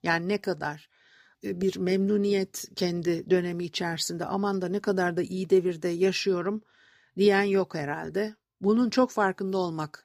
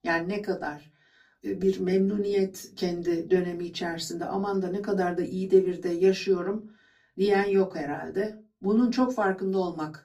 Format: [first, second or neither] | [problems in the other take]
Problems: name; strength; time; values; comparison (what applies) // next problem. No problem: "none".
first | off-mic speech; far // room echo; very slight; dies away in 0.3 s